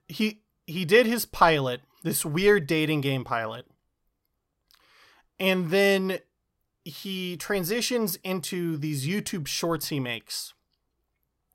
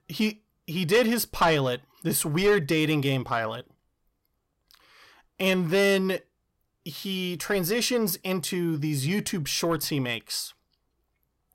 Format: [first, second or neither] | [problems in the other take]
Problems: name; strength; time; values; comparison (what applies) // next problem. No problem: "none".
first | distortion; slight; 10 dB below the speech